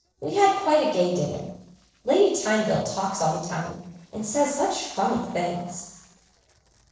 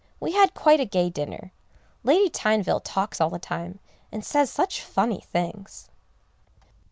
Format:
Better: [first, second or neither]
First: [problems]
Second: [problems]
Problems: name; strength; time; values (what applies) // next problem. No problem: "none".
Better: second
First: noise reduction (neural separator model SepFormer DNS4)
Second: none